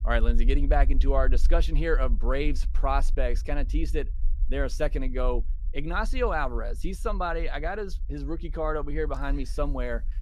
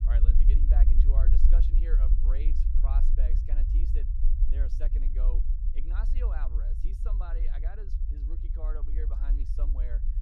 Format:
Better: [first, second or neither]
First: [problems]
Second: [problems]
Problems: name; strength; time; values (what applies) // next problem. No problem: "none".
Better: first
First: low rumble; faint; throughout; 25 dB below the speech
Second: low rumble; loud; throughout; 2 dB below the speech